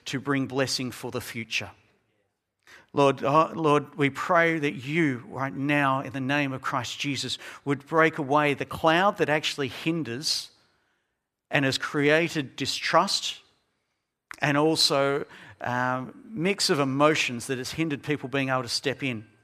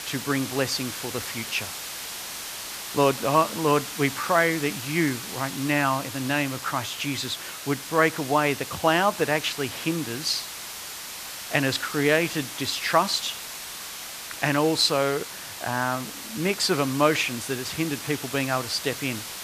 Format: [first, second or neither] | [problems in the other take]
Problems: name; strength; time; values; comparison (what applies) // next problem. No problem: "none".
first | hiss; loud; throughout; 9 dB below the speech